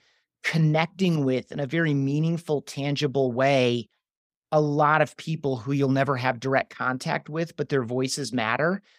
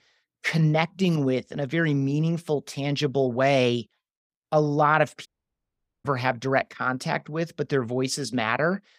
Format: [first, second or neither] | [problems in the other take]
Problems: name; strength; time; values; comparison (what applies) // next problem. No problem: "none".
first | audio cutting out; at 5.5 s for 1 s